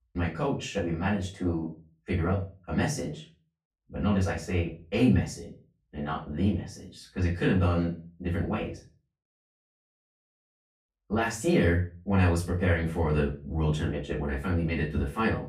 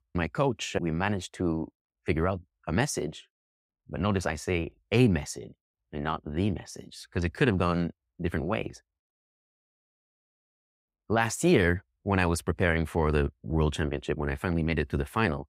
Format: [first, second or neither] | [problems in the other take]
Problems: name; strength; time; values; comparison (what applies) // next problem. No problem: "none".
second | off-mic speech; far // room echo; slight; dies away in 0.3 s